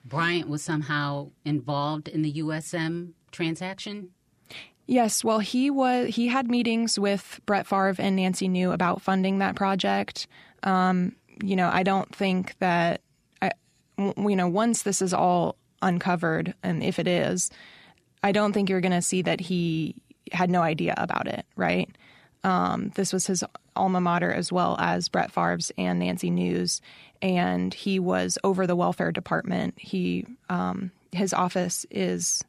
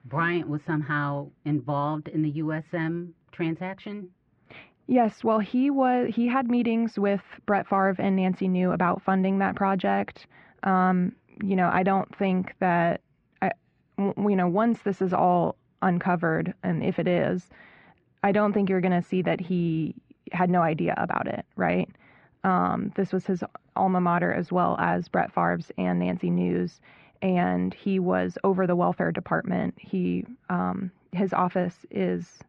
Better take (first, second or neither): first